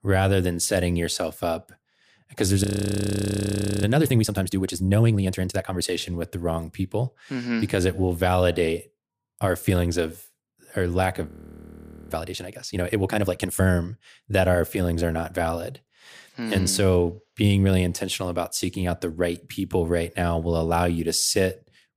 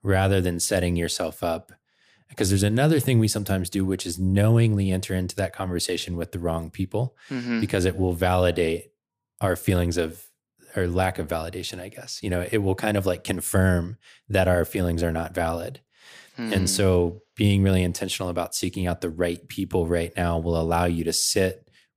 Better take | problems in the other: second | audio freezing; at 2.5 s for 1 s and at 11 s for 1 s

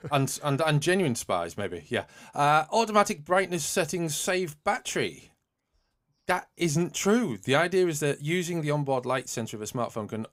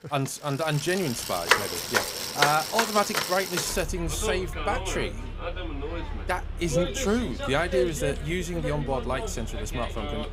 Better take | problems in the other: first | traffic noise; loud; throughout; 1 dB below the speech

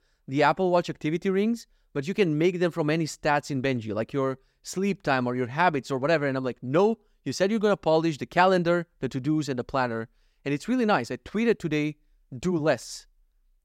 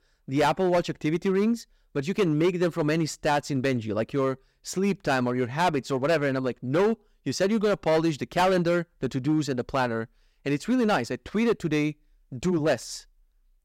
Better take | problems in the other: first | distortion; slight; 6% of the sound clipped

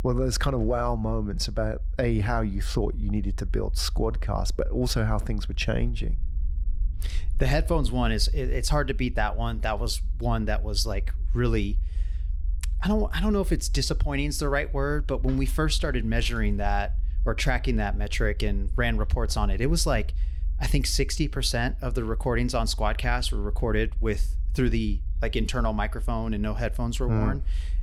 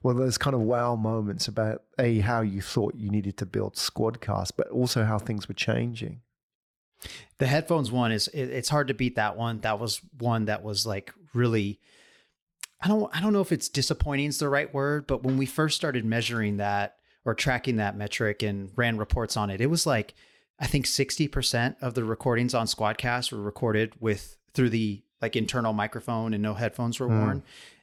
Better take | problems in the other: second | low rumble; faint; throughout; 25 dB below the speech

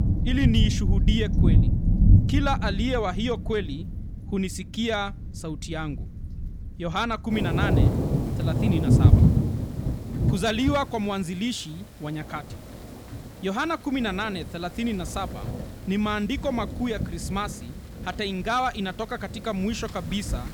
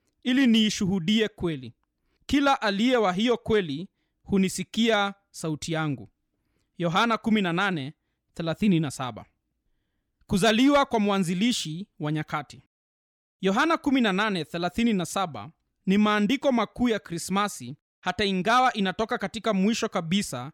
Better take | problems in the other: second | rain or running water; very loud; throughout; 4 dB above the speech

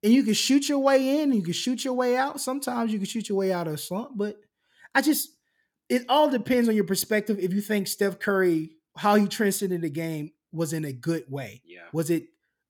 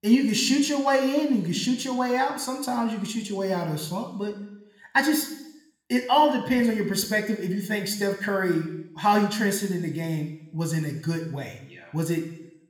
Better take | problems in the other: first | room echo; slight; dies away in 0.8 s

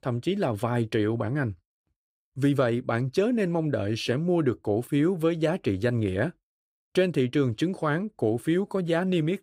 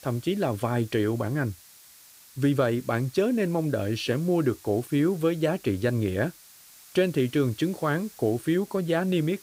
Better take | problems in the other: first | hiss; faint; throughout; 20 dB below the speech

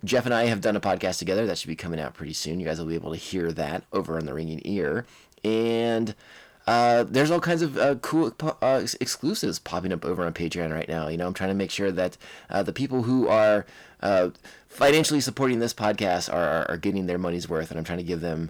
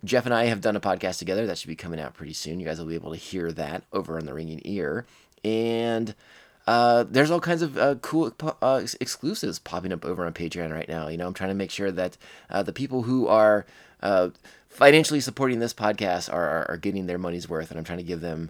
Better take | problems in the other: second | distortion; slight; 10 dB below the speech

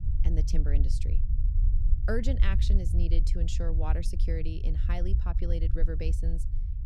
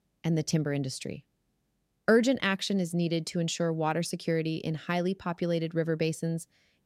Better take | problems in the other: second | low rumble; loud; throughout; 8 dB below the speech

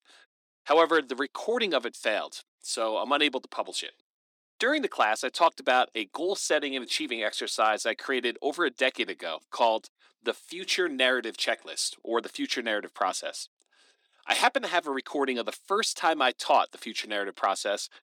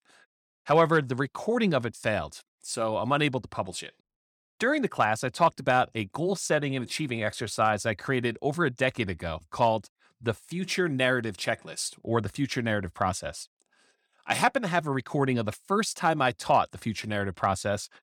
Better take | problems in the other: second | thin; somewhat; fading below 250 Hz

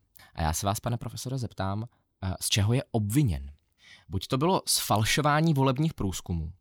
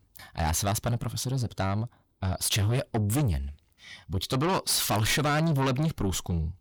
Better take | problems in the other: first | distortion; heavy; 7 dB below the speech

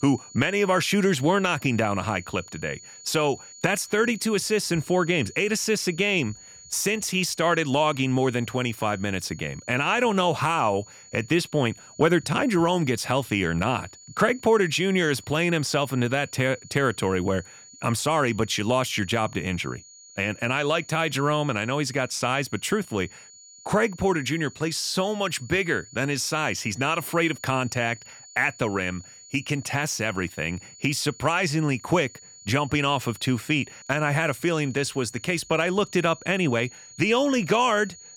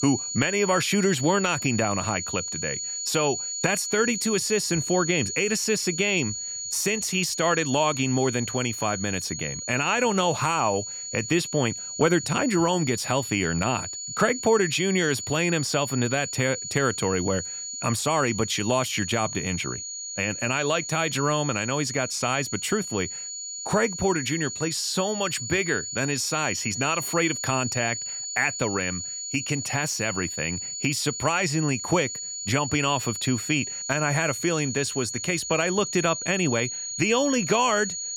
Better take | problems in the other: first | high-pitched whine; loud; throughout; 7 kHz, 5 dB below the speech; faint in the first

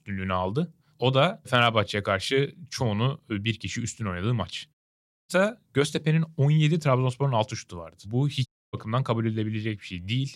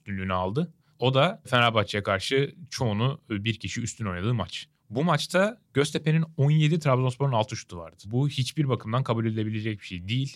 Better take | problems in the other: second | audio cutting out; at 4.5 s for 0.5 s and at 8.5 s

